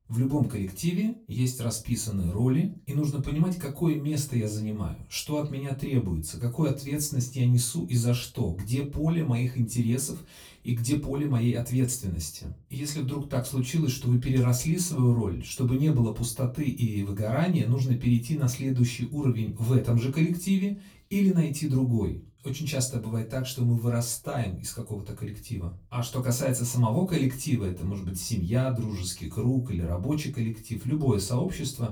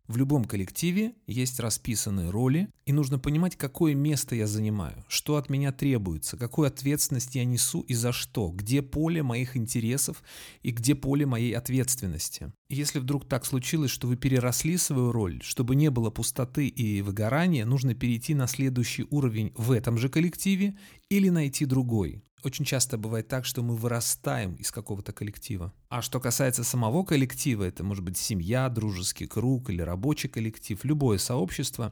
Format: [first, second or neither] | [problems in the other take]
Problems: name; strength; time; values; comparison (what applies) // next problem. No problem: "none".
second | off-mic speech; far // room echo; very slight; dies away in 0.2 s